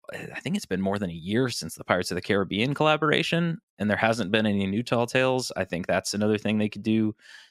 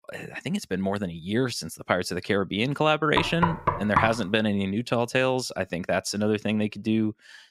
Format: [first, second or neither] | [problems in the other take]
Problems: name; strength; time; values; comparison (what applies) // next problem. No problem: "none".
first | door banging; loud; at 3 s; peak 1 dB above the speech